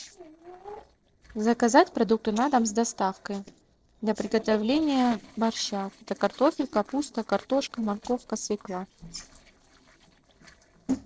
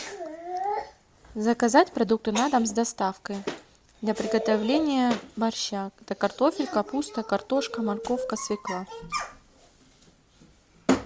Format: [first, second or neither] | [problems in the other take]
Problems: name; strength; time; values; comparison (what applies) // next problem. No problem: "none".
second | noise reduction (neural separator model SepFormer DNS4)